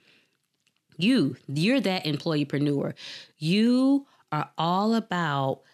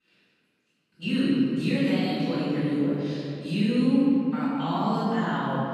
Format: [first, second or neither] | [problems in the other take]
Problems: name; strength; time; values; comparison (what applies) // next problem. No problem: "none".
first | off-mic speech; far // room echo; strong; dies away in 2.7 s